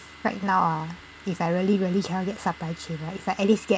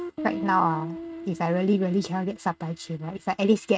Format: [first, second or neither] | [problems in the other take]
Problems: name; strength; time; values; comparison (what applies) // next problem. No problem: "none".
first | noise reduction (neural mask model RNNoise)